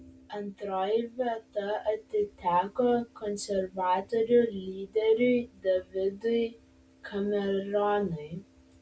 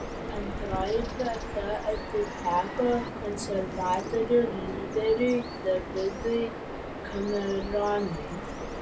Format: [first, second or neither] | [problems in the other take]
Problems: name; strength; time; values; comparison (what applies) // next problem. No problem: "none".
first | background sound (Bird vocalization, bird call, bird song); 6 dB below the speech